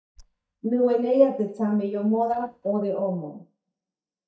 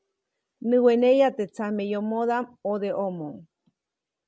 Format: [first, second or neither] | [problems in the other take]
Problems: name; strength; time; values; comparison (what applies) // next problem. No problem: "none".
second | noise reduction (neural mask model DeepFilterNet 3)